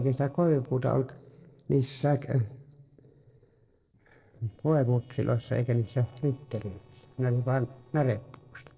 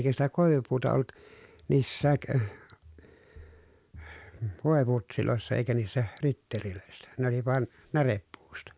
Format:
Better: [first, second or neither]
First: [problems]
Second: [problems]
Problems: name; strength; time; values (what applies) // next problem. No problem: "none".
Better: second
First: noise reduction (neural separator model SepFormer DNS4)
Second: none